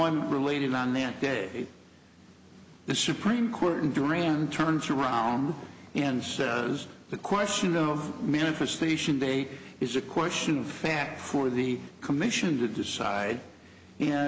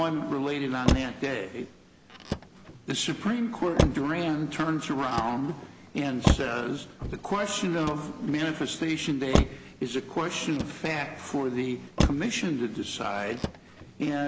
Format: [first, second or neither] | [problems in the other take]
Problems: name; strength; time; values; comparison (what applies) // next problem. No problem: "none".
first | background sound (Motor vehicle (road)); 3 dB below the speech